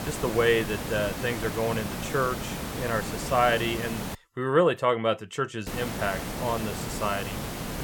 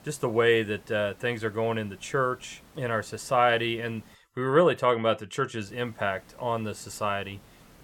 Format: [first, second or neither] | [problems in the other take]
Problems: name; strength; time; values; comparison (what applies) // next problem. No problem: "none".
second | hiss; loud; until 4 s and from 5.5 s on; 6 dB below the speech; faint in the second